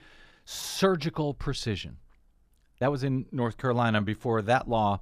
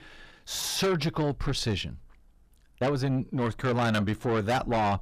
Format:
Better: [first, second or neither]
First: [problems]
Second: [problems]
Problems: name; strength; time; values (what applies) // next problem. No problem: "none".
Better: first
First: none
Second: distortion; heavy; 7 dB below the speech